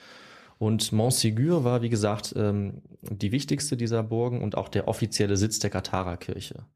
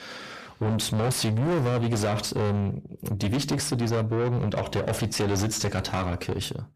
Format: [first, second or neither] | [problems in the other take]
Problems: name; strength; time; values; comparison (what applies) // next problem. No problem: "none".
first | distortion; heavy; 5 dB below the speech